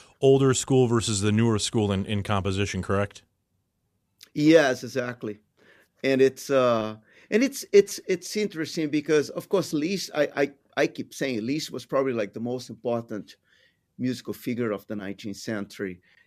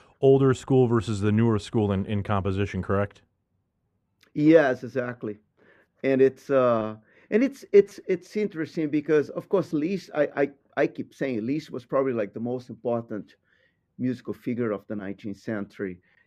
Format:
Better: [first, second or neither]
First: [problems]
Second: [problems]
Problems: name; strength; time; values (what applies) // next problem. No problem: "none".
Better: first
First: none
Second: muffled; slightly; fading above 3 kHz